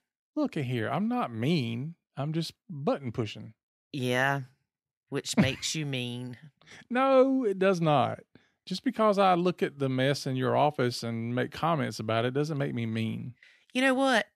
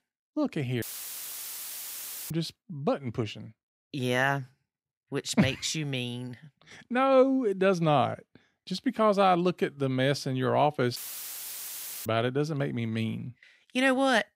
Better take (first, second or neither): first